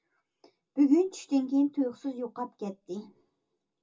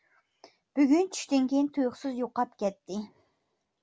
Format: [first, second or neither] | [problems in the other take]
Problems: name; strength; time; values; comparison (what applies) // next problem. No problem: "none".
second | room echo; dies away in 0.2 s